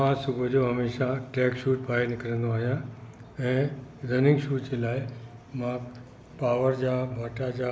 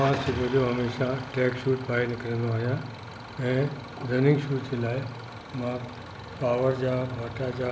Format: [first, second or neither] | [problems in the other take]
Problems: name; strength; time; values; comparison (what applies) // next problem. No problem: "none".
first | background sound (Idling / Engine starting); 12 dB below the speech